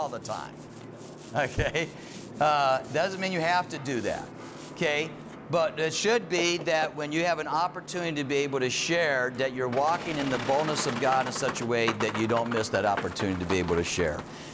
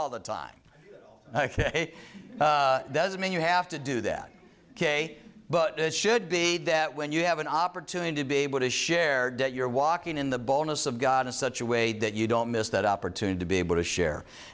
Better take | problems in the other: second | background sound (Boat, Water vehicle); 11 dB below the speech

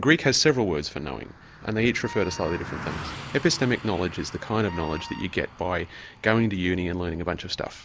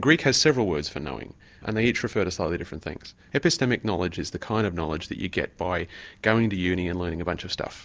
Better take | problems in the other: second | background sound (Car passing by + Wind instrument, woodwind instrument); 15 dB below the speech

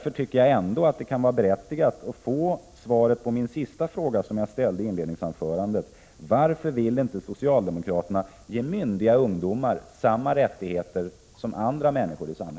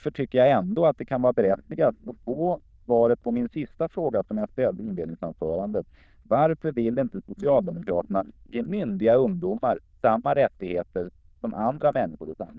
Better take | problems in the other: first | noise reduction (neural diffusion model UNIVERSE++)

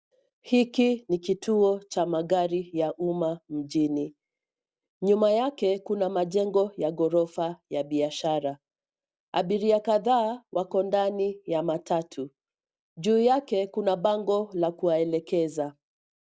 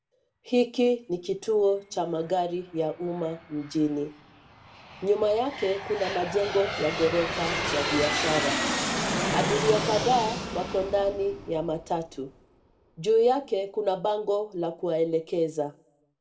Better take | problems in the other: first | background sound (Aircraft); 6 dB below the speech // room echo; dies away in 0.3 s

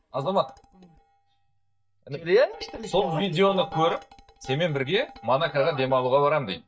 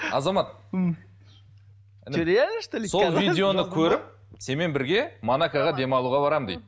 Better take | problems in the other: second | noise reduction (neural mask model DeepFilterNet 3)

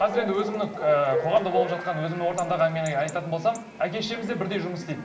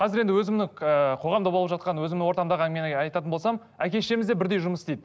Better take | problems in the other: second | background sound (Bark / Chatter / Chirp, tweet / Livestock, farm animals, working animals); 8 dB below the speech // room echo; dies away in 0.4 s

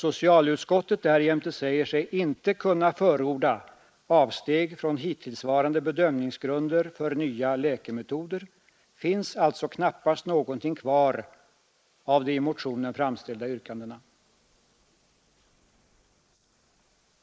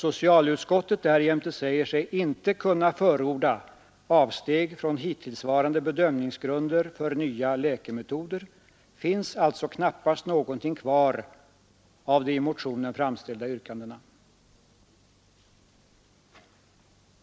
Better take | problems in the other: second | noise reduction (neural mask model Resemble Enhance denoiser)

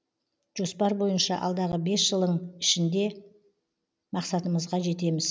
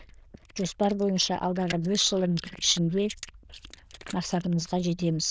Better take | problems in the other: first | noise reduction (neural diffusion model UNIVERSE++)

